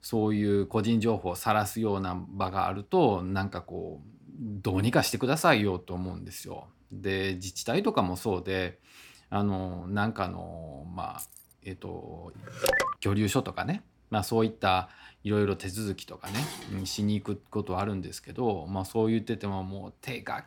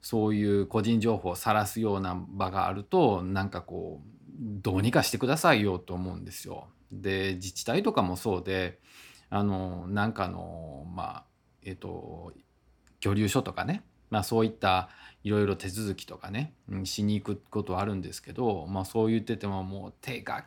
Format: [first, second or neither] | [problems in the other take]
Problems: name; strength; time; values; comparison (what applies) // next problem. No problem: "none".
second | jangling keys; faint; at 11 s; peak 15 dB below the speech // phone ringing; loud; at 13 s; peak 4 dB above the speech // clattering dishes; noticeable; at 16 s; peak 7 dB below the speech